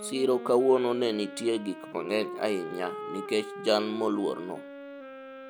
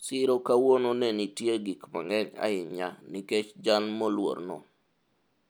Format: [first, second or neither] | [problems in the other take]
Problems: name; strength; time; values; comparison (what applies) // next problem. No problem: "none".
second | background sound (Wind instrument, woodwind instrument); 12 dB below the speech